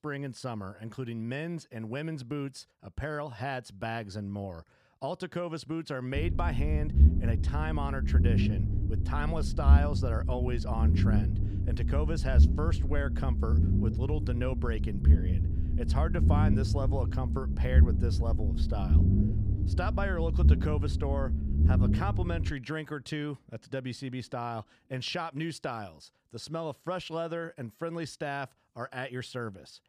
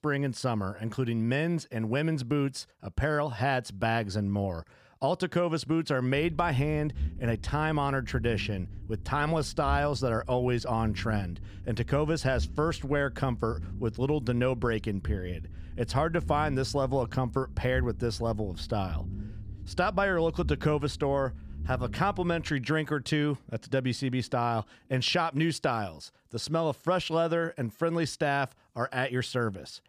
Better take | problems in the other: second | low rumble; loud; from 6 to 23 s; 4 dB below the speech; faint in the second

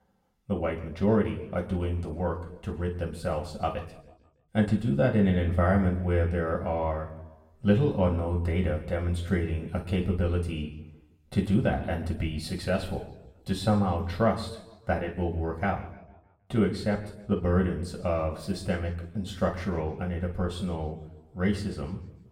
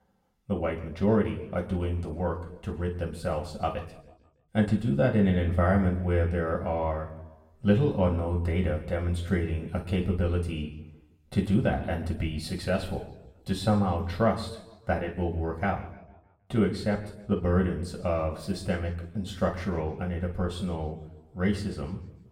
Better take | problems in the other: neither | room echo; slight; dies away in 0.8 s; the same in both // off-mic speech; somewhat distant; the same in both

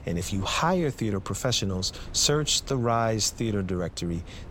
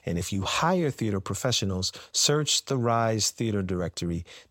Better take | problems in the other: second | wind noise on the microphone; occasional gusts; 25 dB below the speech

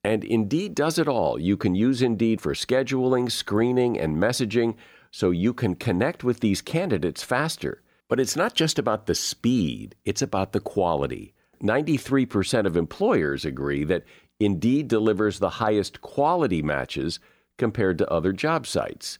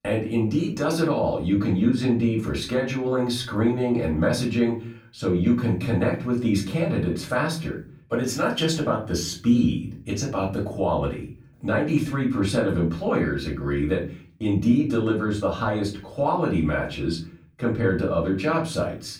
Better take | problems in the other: first | off-mic speech; far // room echo; slight; dies away in 0.5 s

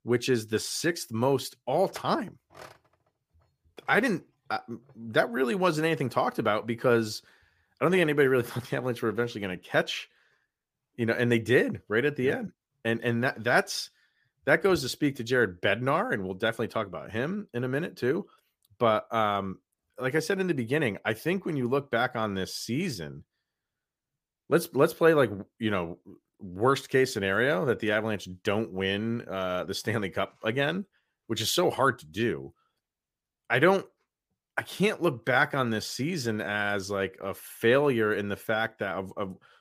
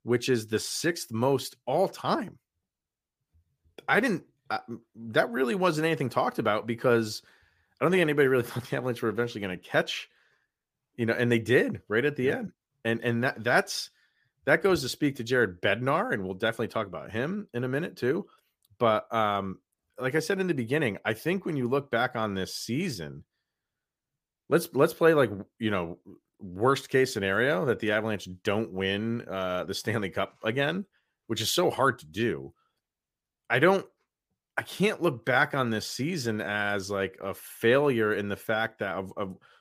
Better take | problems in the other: second | clattering dishes; faint; from 2 to 5 s; peak 15 dB below the speech

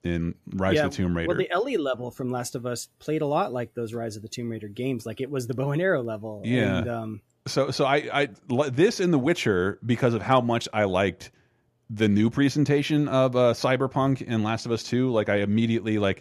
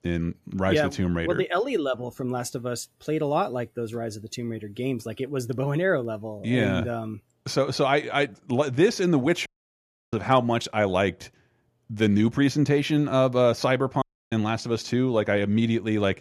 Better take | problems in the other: first | audio cutting out; at 9.5 s for 0.5 s and at 14 s

